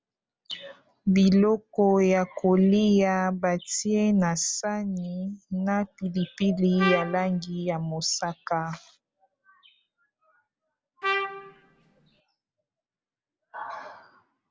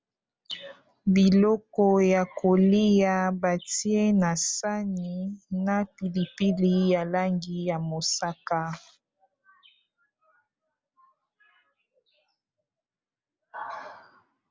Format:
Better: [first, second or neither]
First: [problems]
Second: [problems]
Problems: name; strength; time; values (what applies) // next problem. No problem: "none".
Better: second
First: background sound (Trumpet); 6 dB below the speech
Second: none